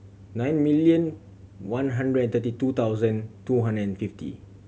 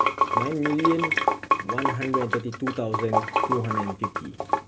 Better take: first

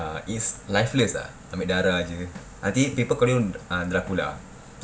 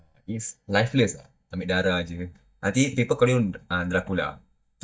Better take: first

